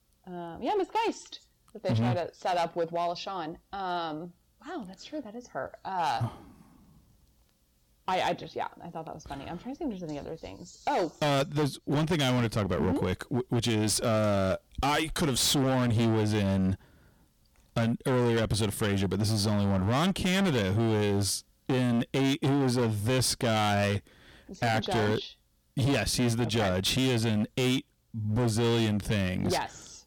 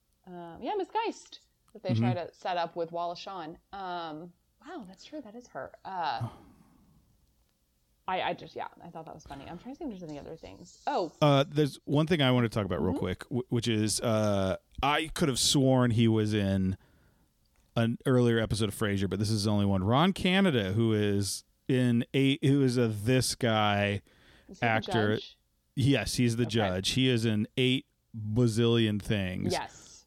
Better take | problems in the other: second | distortion; heavy; 16% of the sound clipped

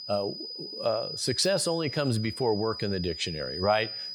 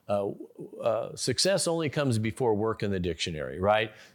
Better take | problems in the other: second | high-pitched whine; loud; throughout; 5 kHz, 7 dB below the speech

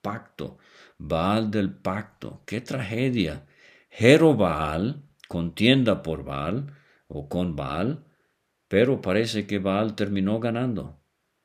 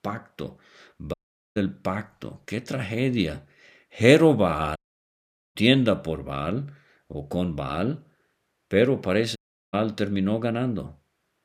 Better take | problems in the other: first | audio cutting out; at 1 s, at 5 s for 1 s and at 9.5 s

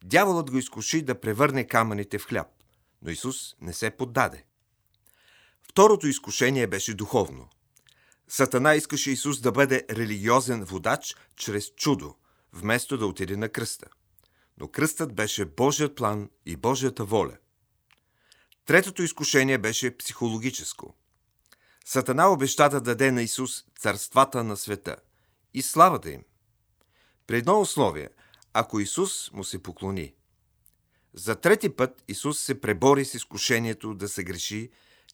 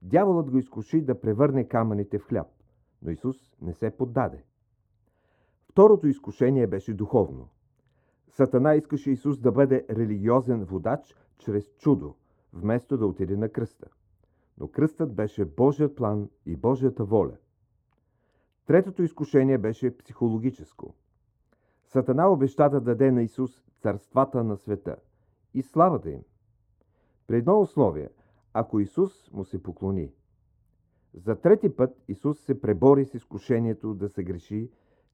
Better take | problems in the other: first | muffled; very; fading above 1.5 kHz

